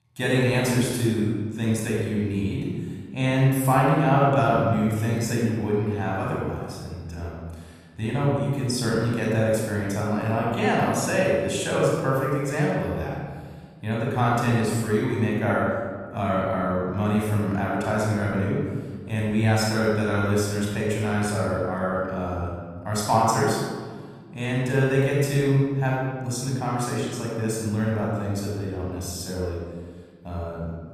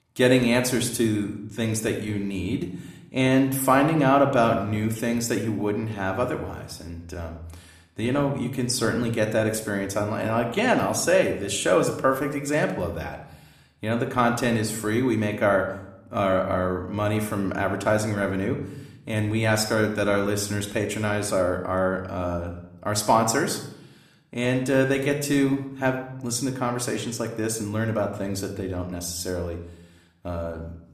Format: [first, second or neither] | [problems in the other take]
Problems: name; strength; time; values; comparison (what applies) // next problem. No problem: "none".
second | room echo; strong; dies away in 1.6 s; slight in the second // off-mic speech; far